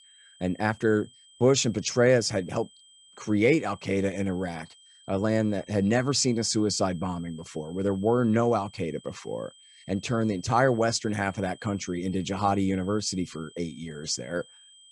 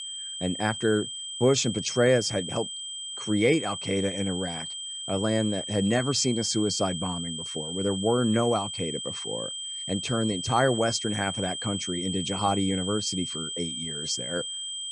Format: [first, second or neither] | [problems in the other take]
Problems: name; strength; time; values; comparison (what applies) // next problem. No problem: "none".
first | high-pitched whine; loud; throughout; 3 kHz, 5 dB below the speech; faint in the first